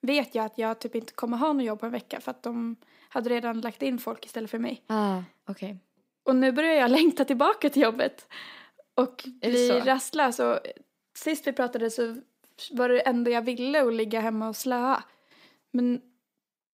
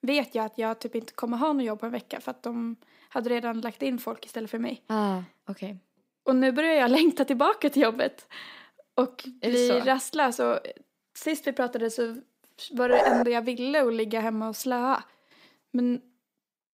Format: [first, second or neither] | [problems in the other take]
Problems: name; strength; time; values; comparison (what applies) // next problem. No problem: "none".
first | dog barking; loud; at 13 s; peak 3 dB above the speech